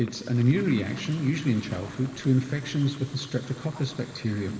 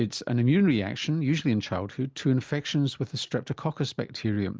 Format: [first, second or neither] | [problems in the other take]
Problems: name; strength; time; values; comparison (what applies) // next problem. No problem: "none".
second | background sound (Fill (with liquid) / Water tap, faucet); 20 dB below the speech // room echo; dies away in 2.1 s